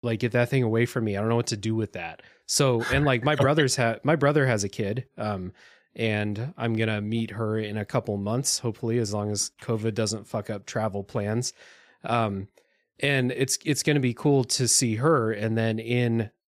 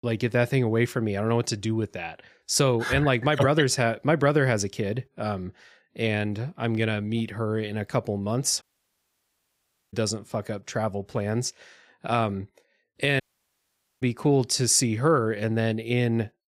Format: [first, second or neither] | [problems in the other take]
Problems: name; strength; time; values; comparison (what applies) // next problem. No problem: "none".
first | audio cutting out; at 8.5 s for 1.5 s and at 13 s for 1 s